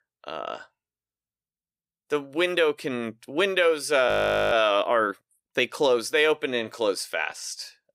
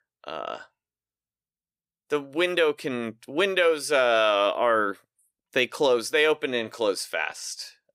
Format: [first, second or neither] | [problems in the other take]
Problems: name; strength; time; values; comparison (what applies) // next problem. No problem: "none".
second | audio freezing; at 4 s